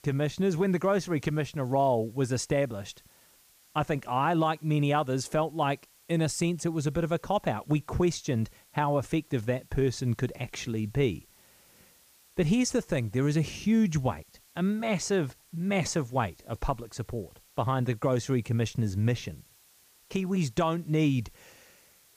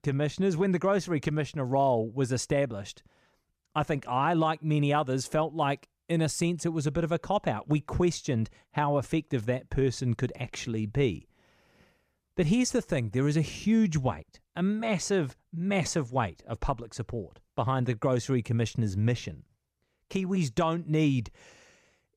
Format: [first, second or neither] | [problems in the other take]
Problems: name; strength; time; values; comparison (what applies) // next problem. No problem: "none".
second | hiss; faint; throughout; 30 dB below the speech